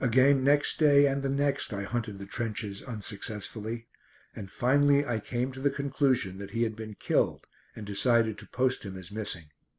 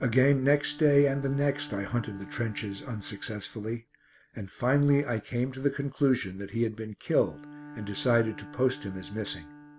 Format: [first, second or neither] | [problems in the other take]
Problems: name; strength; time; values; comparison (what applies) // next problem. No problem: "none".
first | background sound (Bowed string instrument); 19 dB below the speech